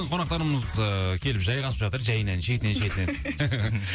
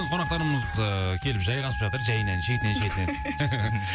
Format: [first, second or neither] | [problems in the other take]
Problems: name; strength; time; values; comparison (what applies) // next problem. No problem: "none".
first | background sound (Wind instrument, woodwind instrument); 9 dB below the speech